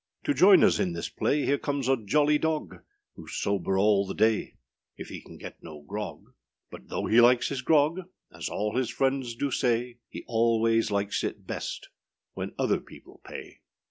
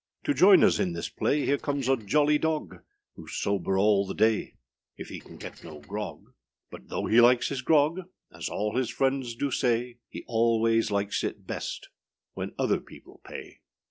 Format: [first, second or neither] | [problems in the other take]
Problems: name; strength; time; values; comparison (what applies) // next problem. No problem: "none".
first | noise reduction (neural separator model SepFormer DNS4)